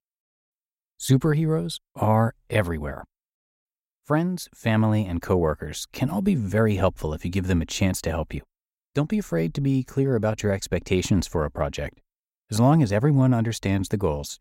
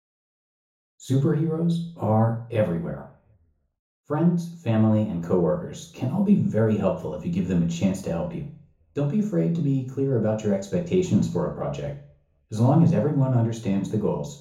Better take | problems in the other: first | room echo; slight; dies away in 0.6 s // off-mic speech; far

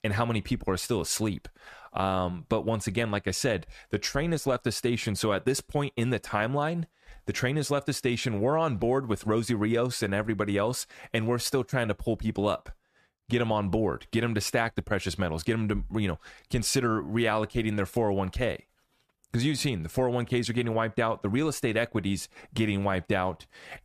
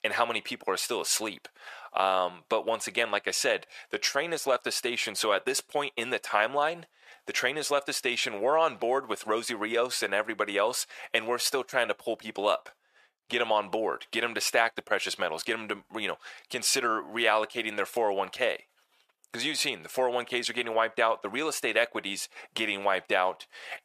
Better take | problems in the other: first | thin; very; fading below 600 Hz

